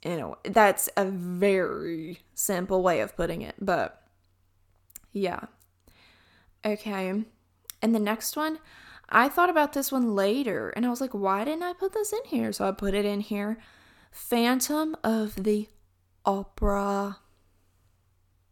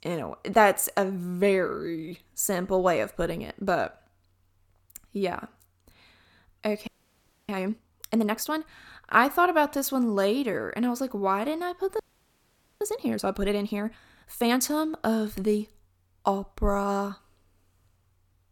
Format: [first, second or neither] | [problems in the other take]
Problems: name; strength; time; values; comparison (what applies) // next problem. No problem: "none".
first | audio freezing; at 7 s for 0.5 s and at 12 s for 1 s